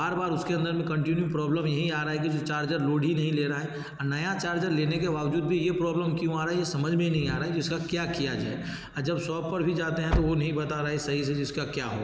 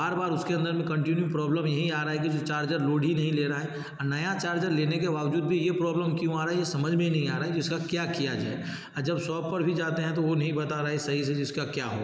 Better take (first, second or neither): second